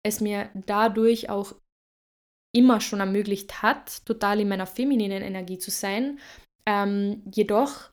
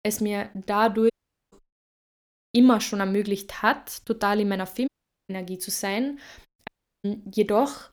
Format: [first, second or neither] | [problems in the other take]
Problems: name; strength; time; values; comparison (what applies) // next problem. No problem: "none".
first | audio cutting out; at 1 s, at 5 s and at 6.5 s